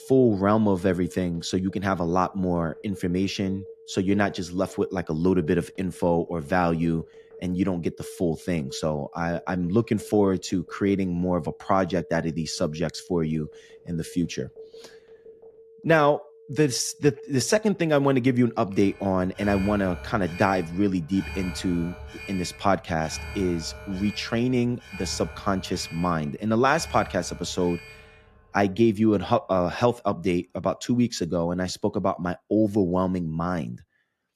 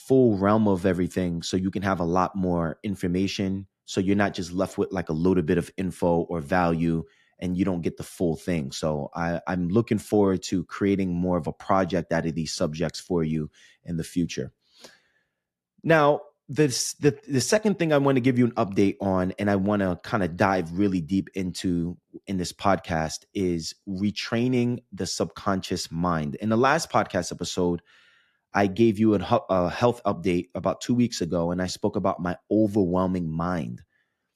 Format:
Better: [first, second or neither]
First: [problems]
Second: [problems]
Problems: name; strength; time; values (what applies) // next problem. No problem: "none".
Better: second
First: alarms or sirens; noticeable; throughout; 20 dB below the speech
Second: none